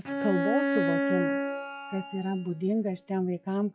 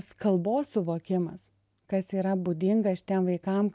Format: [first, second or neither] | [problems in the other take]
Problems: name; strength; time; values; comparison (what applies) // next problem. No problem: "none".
second | noise reduction (classical method log-MMSE)